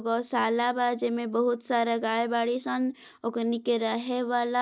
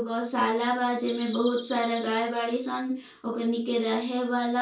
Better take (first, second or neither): first